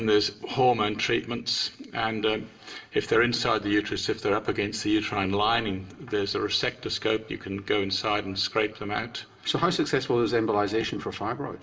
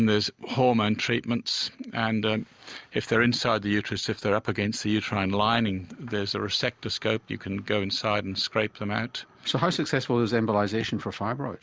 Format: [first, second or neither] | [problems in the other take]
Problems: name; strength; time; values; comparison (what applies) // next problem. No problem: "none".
second | room echo; dies away in 0.8 s